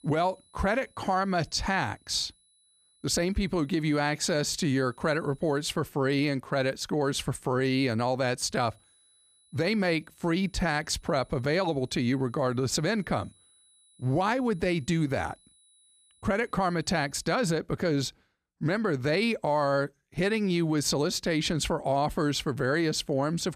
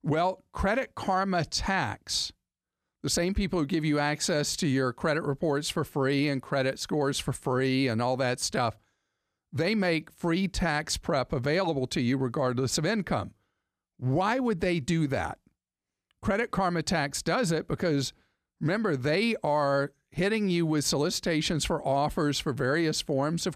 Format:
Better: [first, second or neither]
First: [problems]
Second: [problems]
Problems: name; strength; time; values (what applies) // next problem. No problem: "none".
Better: second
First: high-pitched whine; faint; until 5.5 s and from 8.5 to 17 s; 10 kHz, 35 dB below the speech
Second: none